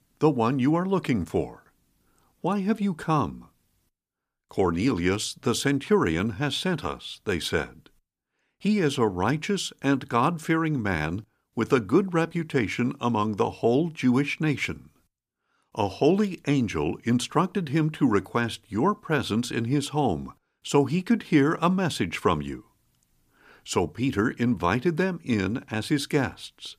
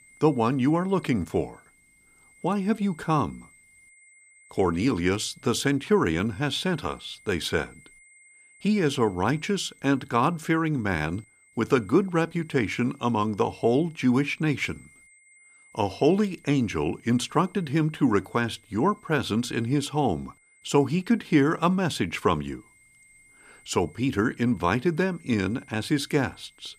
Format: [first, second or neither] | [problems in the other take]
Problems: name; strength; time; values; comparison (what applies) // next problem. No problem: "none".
first | high-pitched whine; faint; throughout; 2 kHz, 30 dB below the speech